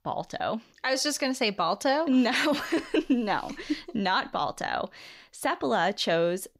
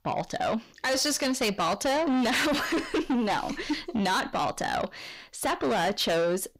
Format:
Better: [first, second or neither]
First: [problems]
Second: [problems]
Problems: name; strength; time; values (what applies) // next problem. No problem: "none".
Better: first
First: none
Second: distortion; heavy; 7 dB below the speech